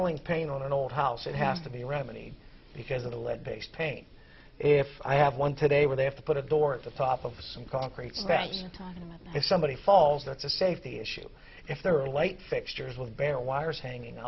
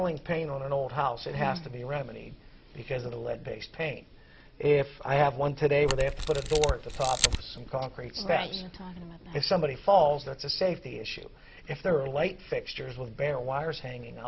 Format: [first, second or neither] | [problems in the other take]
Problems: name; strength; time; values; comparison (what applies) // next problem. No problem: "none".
first | background sound (Camera); 1 dB below the speech